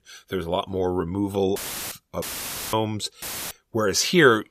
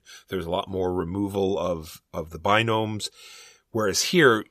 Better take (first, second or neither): second